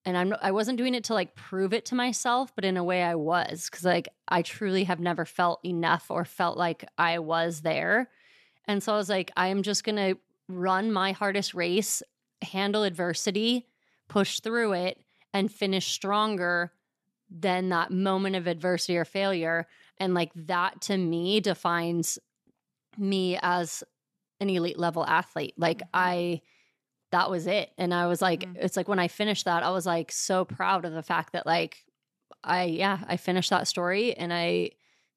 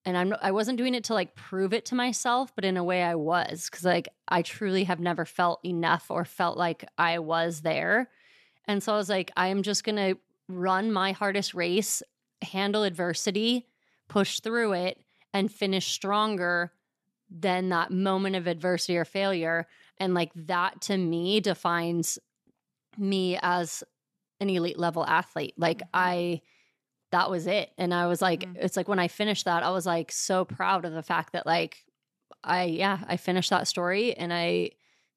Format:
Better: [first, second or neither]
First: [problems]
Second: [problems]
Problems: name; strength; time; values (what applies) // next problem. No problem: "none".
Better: neither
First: none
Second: none